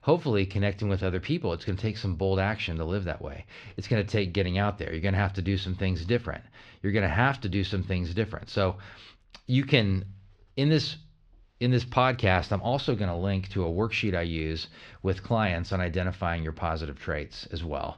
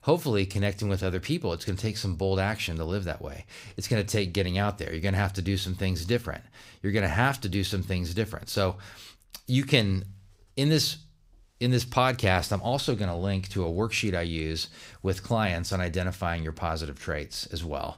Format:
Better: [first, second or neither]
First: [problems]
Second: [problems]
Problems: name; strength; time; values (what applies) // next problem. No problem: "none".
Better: second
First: muffled; very slightly; fading above 4 kHz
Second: none